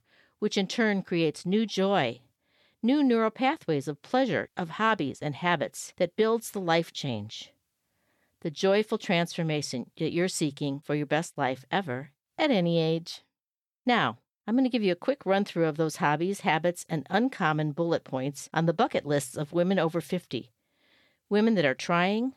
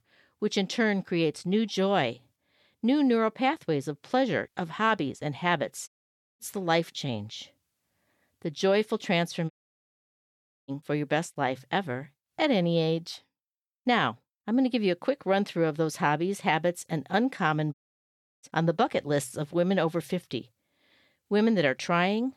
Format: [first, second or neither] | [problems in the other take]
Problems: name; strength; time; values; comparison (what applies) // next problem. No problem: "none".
first | audio cutting out; at 6 s for 0.5 s, at 9.5 s for 1 s and at 18 s for 0.5 s